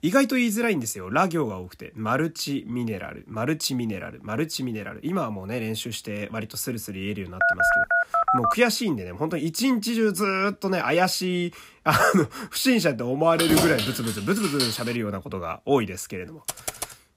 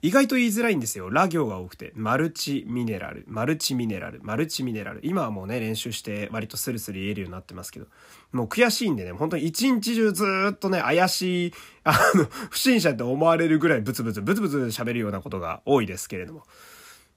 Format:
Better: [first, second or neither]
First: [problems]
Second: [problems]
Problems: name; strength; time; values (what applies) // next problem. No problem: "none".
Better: second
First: phone ringing; loud; from 7.5 to 8.5 s; peak 6 dB above the speech // jangling keys; loud; from 13 to 15 s; peak 2 dB above the speech // keyboard typing; noticeable; at 16 s; peak 6 dB below the speech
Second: none